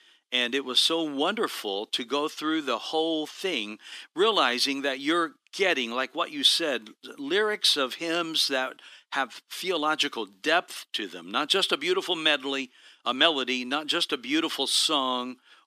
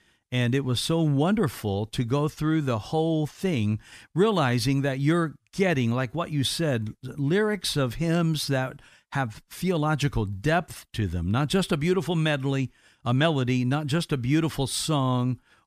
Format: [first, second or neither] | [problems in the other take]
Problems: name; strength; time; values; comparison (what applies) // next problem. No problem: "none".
second | thin; somewhat; fading below 300 Hz